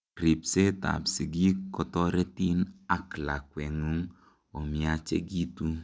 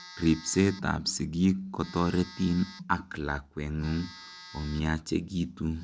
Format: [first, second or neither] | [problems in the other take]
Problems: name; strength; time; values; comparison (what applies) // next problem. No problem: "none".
first | background sound (Telephone); 19 dB below the speech